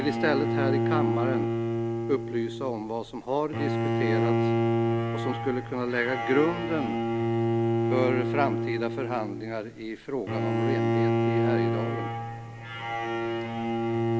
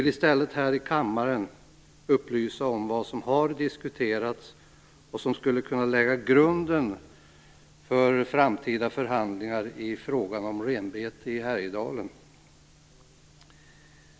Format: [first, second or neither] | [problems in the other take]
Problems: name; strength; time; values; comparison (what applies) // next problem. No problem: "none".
second | background sound (Bowed string instrument); 4 dB above the speech